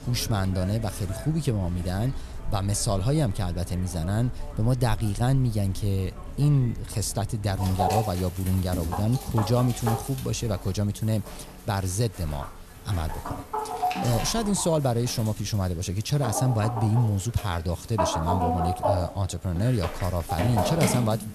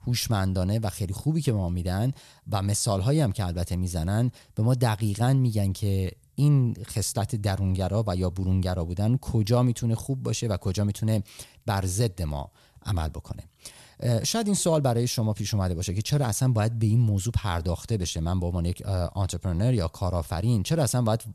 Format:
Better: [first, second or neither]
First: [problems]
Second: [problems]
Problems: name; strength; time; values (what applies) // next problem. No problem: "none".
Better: second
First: animal sounds; loud; throughout; 7 dB below the speech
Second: none